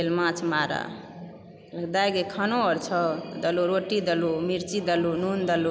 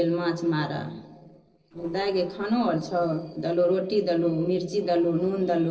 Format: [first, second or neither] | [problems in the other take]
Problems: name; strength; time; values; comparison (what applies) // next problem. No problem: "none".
first | noise reduction (neural separator model SepFormer DNS4)